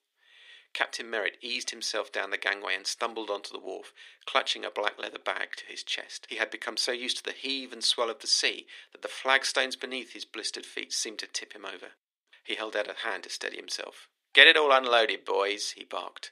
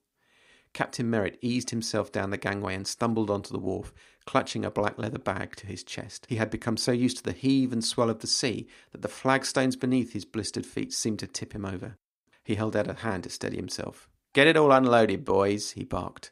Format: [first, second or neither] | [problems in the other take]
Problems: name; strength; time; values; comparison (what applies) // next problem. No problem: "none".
second | thin; very; fading below 400 Hz